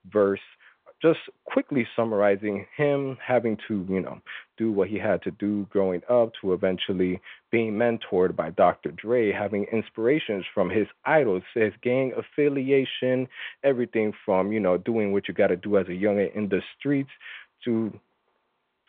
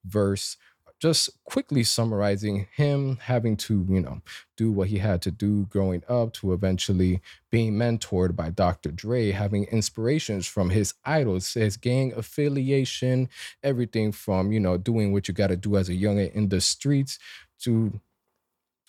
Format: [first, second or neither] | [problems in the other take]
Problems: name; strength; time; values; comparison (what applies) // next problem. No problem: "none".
second | phone-call audio